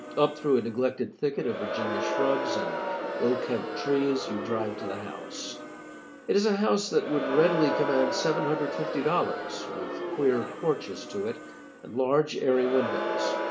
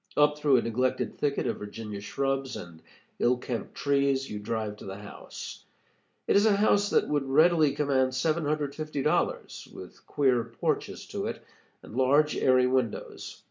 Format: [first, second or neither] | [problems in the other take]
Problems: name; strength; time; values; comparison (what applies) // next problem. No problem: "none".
second | background sound (Crowd); 5 dB below the speech